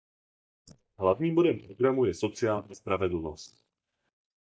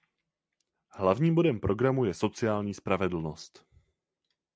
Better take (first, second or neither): second